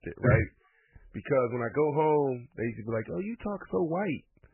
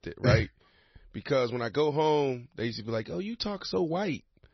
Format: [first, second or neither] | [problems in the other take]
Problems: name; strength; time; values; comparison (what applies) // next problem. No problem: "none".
second | garbled, watery; badly; nothing above 2.5 kHz; slightly in the second